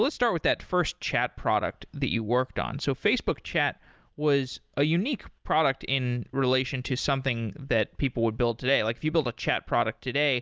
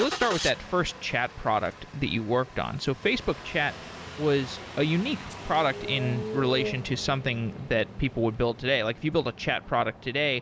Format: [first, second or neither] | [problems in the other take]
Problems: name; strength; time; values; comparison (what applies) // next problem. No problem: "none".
first | background sound (Engine starting); 11 dB below the speech